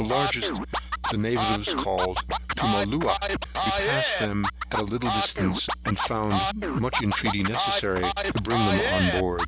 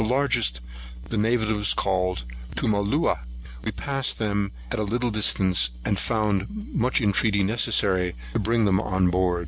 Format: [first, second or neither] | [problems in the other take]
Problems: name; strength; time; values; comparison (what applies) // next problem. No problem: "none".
second | background sound (Scratching (performance technique)); 1 dB below the speech